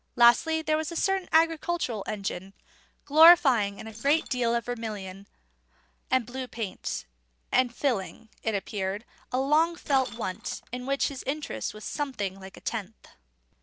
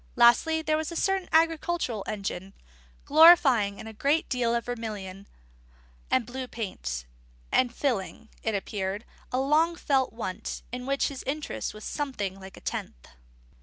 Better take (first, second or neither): second